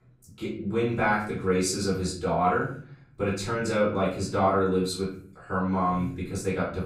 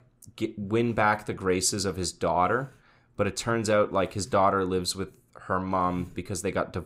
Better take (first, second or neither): second